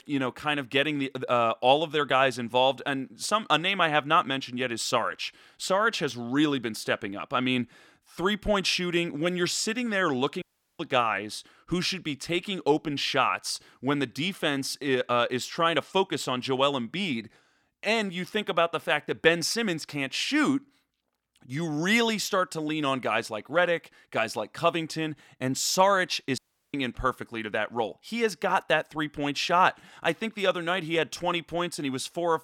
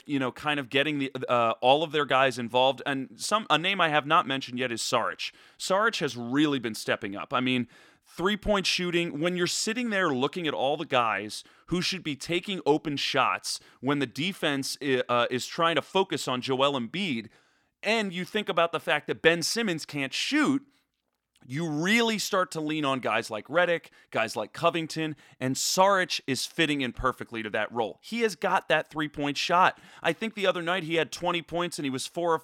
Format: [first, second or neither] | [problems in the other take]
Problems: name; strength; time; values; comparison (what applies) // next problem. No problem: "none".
second | audio cutting out; at 10 s and at 26 s